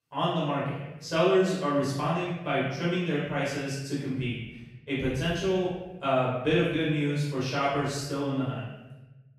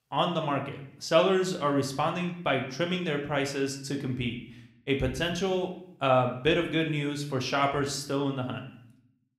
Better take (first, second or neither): second